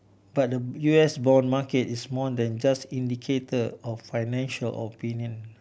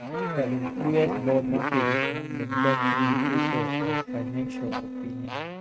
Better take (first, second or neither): first